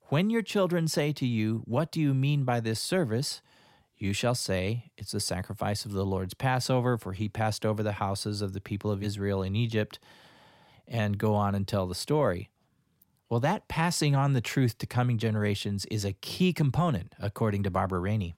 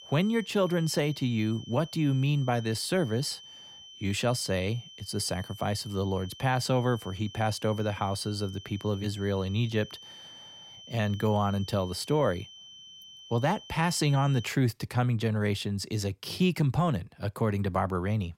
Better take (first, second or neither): first